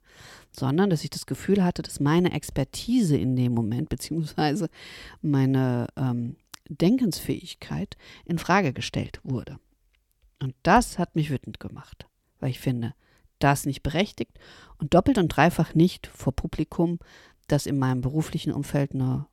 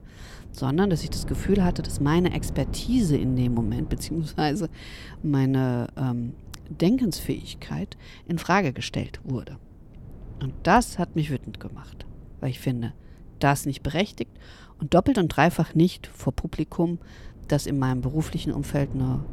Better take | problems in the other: first | wind noise on the microphone; occasional gusts; 20 dB below the speech

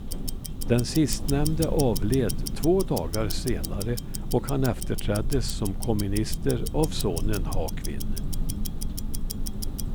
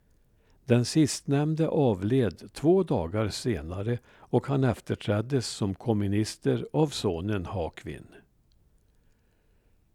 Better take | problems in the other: second | household noises; loud; throughout; 5 dB below the speech

